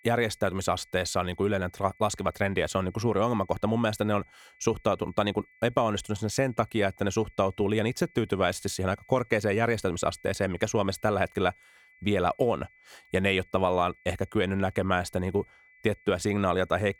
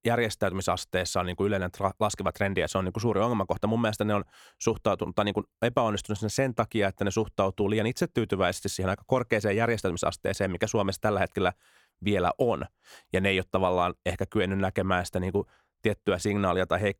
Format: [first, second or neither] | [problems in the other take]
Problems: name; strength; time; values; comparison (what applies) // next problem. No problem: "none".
second | high-pitched whine; faint; throughout; 2 kHz, 30 dB below the speech